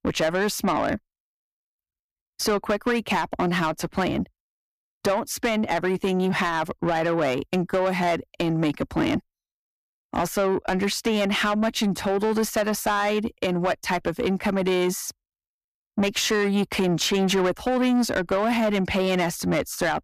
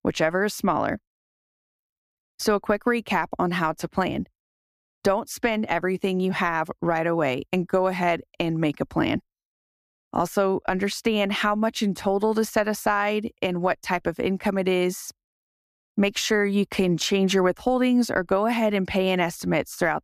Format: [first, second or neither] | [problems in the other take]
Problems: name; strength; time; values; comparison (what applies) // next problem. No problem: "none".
second | distortion; slight; 10 dB below the speech